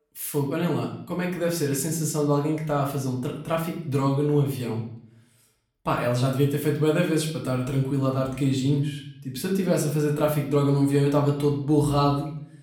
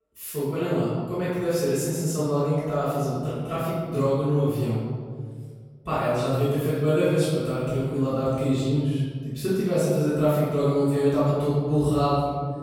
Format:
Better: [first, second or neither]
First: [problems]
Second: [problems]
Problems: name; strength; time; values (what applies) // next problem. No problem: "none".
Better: first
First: room echo; slight; dies away in 0.6 s // off-mic speech; far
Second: room echo; strong; dies away in 2 s // off-mic speech; far